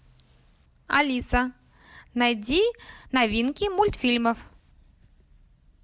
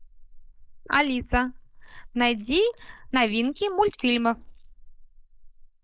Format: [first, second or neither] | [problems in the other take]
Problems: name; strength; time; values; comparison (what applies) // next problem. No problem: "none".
first | noise reduction (neural mask model Resemble Enhance denoiser)